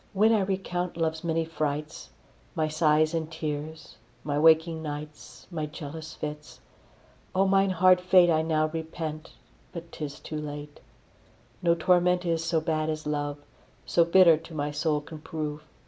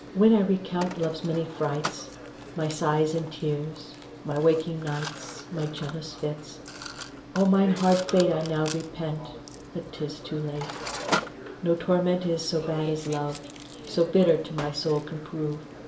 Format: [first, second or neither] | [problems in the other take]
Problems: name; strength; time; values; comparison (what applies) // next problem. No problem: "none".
first | background sound (Mechanisms); 11 dB below the speech // room echo; dies away in 0.5 s